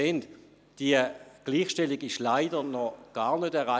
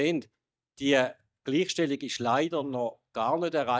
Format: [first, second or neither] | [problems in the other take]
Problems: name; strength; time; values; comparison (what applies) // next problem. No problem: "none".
first | noise reduction (neural mask model DeepFilterNet 3)